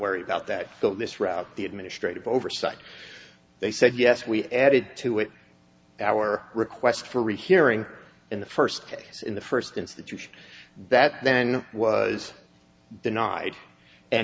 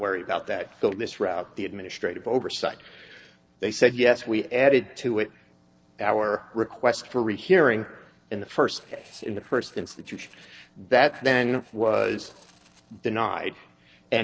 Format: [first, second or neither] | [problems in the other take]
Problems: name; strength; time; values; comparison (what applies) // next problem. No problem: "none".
first | noise reduction (neural separator model SepFormer DNS4)